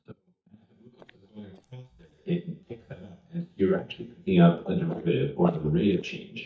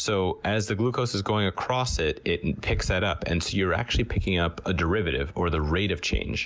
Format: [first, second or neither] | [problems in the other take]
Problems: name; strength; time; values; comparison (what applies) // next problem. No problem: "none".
second | noise reduction (neural mask model DeepFilterNet 3)